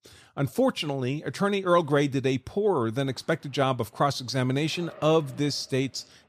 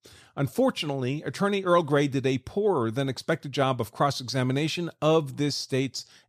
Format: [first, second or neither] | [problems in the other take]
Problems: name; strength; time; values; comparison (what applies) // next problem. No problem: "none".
second | household noises; faint; throughout; 25 dB below the speech